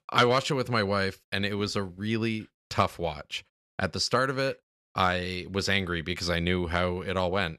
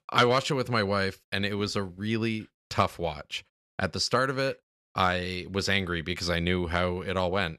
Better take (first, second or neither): neither